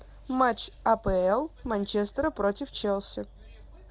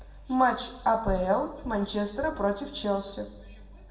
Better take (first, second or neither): first